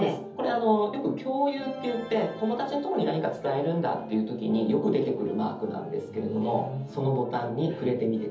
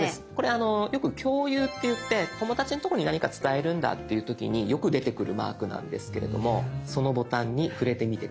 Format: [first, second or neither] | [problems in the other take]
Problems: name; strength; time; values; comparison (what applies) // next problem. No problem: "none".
second | room echo; dies away in 0.7 s